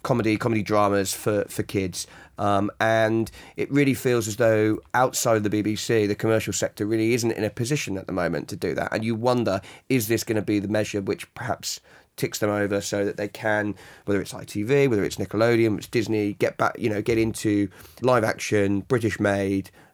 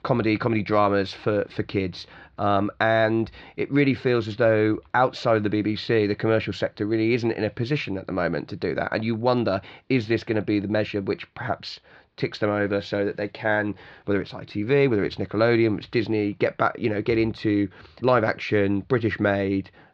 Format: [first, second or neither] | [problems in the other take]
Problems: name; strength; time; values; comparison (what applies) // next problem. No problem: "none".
first | muffled; very slightly; fading above 4 kHz